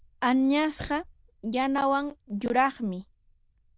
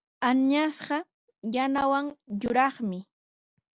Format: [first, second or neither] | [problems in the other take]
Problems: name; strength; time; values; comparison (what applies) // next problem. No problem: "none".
second | noise reduction (neural diffusion model UNIVERSE++)